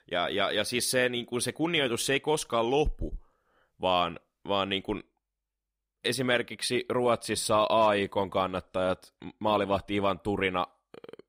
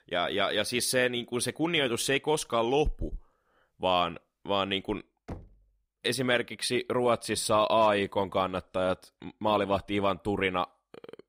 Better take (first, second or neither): first